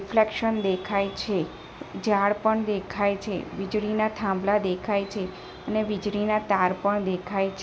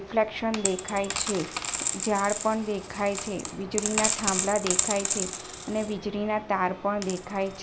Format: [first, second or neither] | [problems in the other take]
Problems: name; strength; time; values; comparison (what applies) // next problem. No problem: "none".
first | background sound (Coin (dropping)); 3 dB below the speech